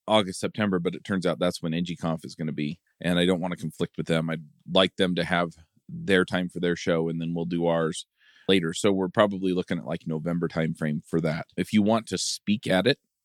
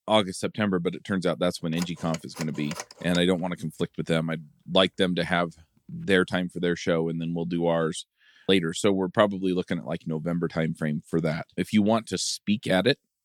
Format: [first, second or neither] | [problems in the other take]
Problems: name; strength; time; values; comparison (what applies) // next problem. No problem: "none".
first | phone ringing; faint; from 1.5 to 3 s; peak 10 dB below the speech